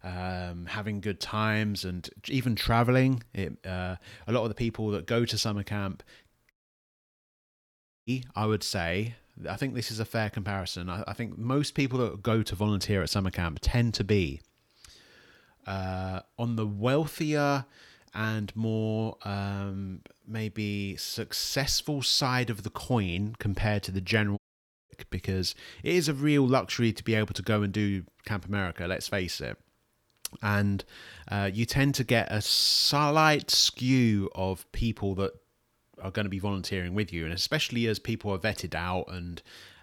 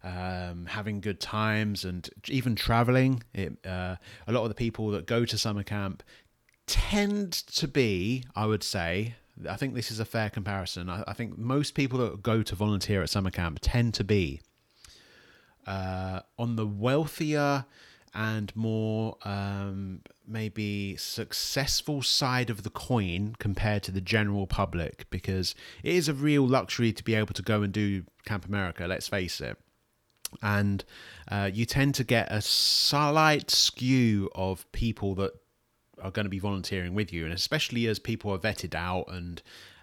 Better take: second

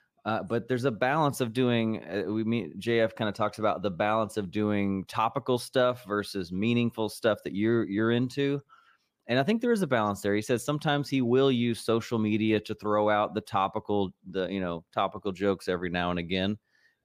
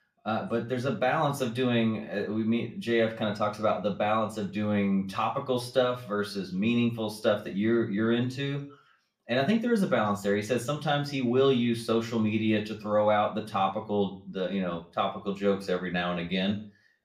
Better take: first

